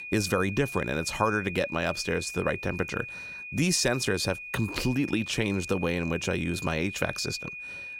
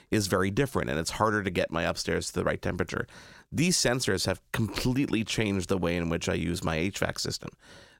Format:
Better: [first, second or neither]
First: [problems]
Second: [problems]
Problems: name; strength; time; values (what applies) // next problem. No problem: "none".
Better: second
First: high-pitched whine; loud; throughout; 2.5 kHz, 9 dB below the speech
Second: none